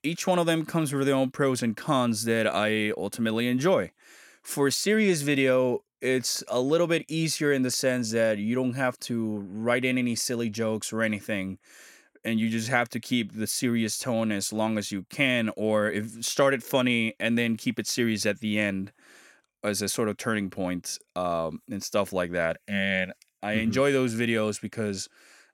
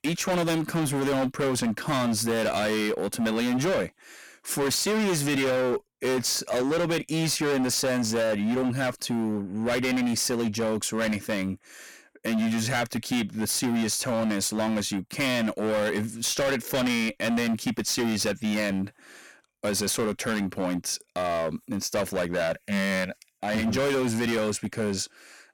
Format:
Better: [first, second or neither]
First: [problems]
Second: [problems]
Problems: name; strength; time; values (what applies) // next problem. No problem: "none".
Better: first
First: none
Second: distortion; heavy; 23% of the sound clipped